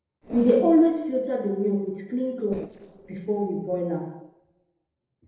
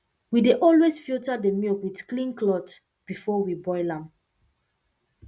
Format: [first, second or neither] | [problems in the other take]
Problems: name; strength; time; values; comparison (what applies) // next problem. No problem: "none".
second | noise reduction (neural separator model SepFormer DNS4)